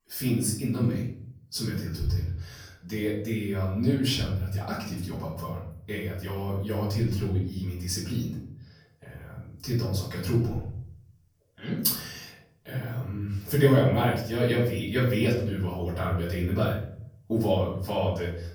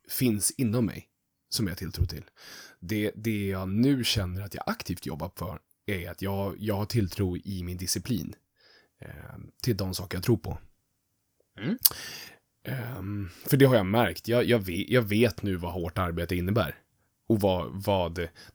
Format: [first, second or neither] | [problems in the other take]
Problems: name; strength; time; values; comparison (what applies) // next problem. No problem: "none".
second | off-mic speech; far // room echo; noticeable; dies away in 0.6 s